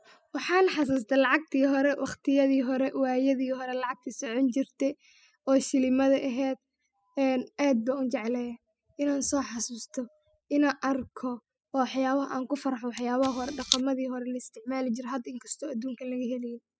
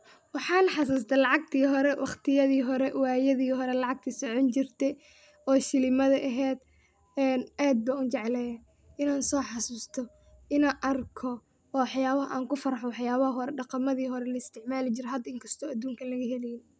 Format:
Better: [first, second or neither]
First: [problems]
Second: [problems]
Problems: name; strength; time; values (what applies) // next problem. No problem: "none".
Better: second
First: noise reduction (classical method spectral subtraction)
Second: none